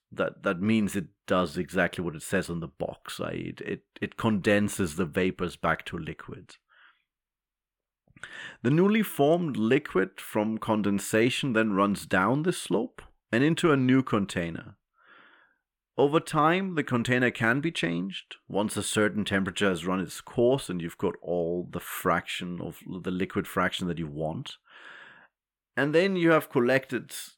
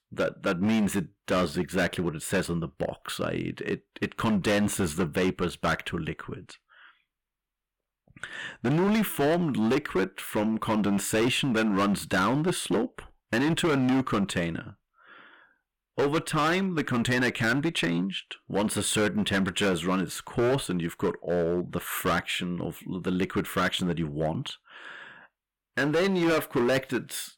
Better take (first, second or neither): first